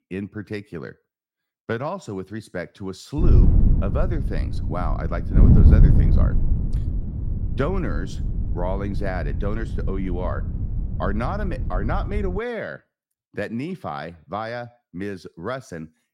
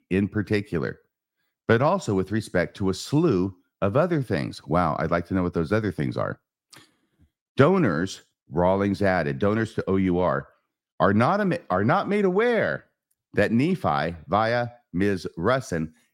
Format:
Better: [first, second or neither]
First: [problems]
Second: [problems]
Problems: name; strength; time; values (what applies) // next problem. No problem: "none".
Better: second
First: wind noise on the microphone; heavy; from 3 to 12 s; 5 dB below the speech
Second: none